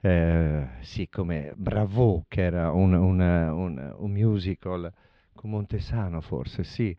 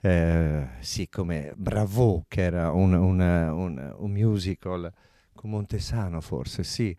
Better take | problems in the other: second | muffled; slightly; fading above 3.5 kHz

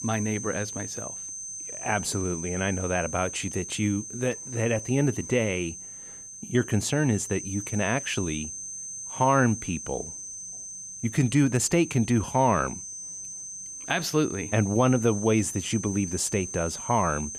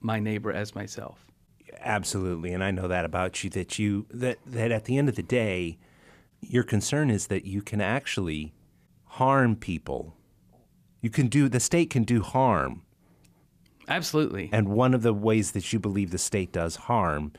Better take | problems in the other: second | high-pitched whine; loud; throughout; 6 kHz, 9 dB below the speech

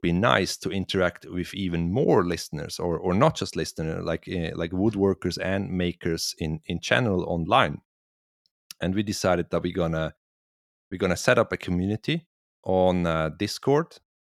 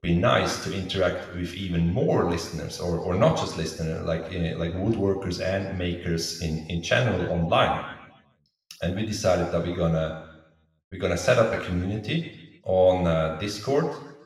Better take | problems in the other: first | room echo; noticeable; dies away in 1 s // off-mic speech; somewhat distant

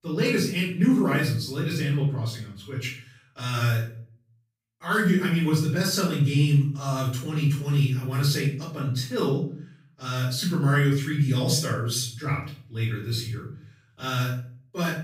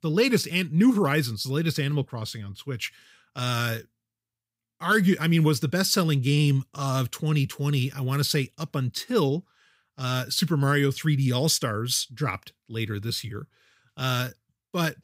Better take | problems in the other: second | room echo; noticeable; dies away in 0.4 s // off-mic speech; far

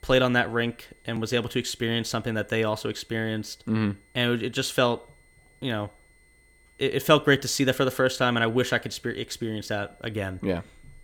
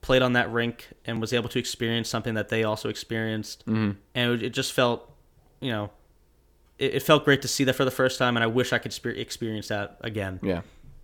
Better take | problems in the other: second | high-pitched whine; faint; throughout; 2 kHz, 35 dB below the speech

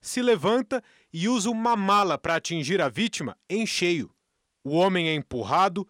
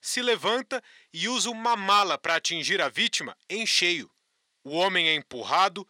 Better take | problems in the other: first | thin; somewhat; fading below 800 Hz

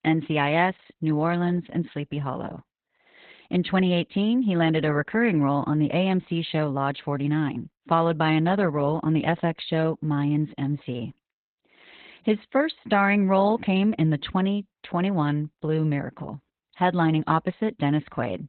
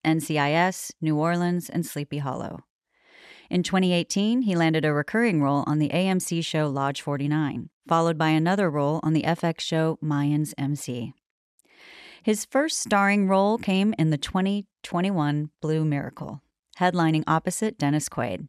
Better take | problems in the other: second | garbled, watery; badly; nothing above 4 kHz

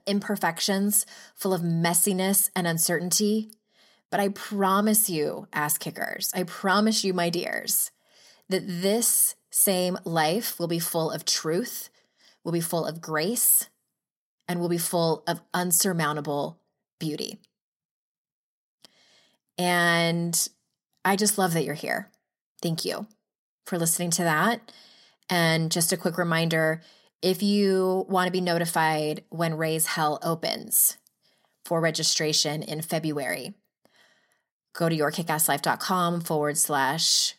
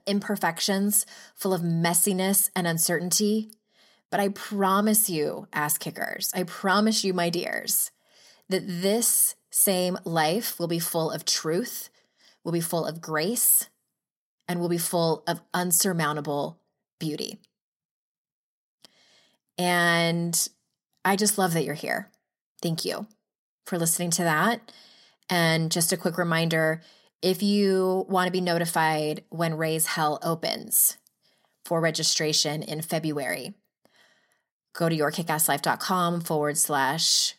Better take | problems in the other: neither | none

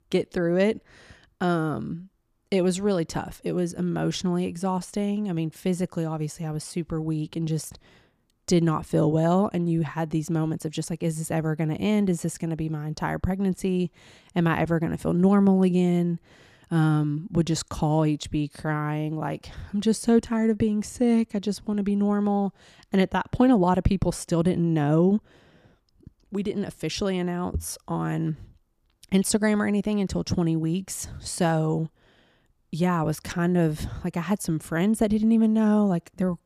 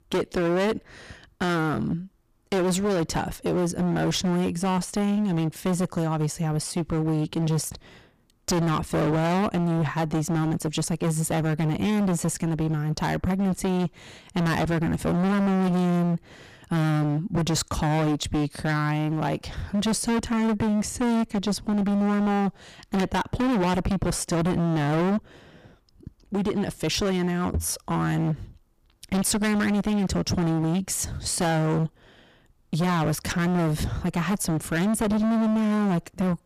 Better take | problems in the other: first | distortion; heavy; 28% of the sound clipped

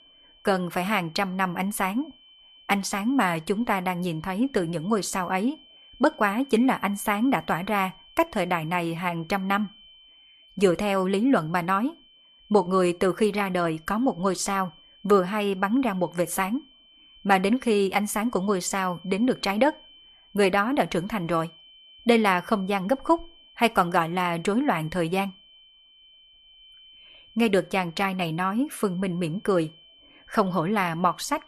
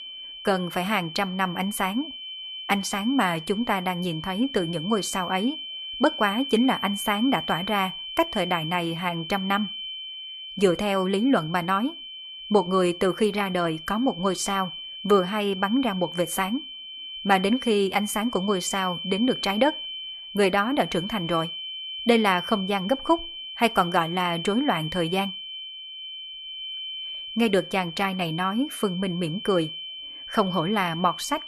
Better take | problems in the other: first | high-pitched whine; loud; throughout; 3 kHz, 9 dB below the speech; faint in the first

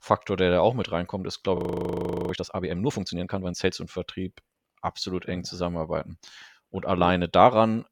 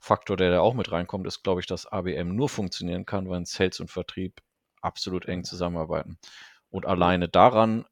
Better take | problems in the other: second | audio freezing; at 1.5 s for 0.5 s

